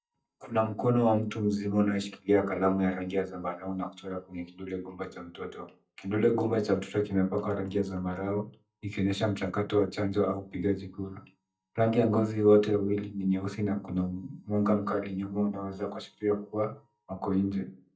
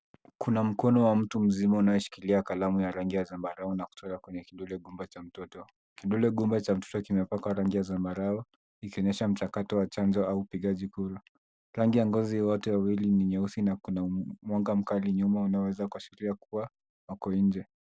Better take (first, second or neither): second